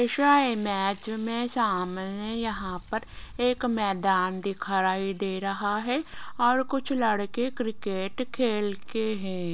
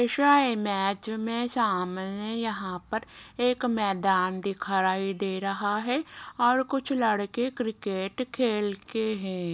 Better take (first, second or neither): second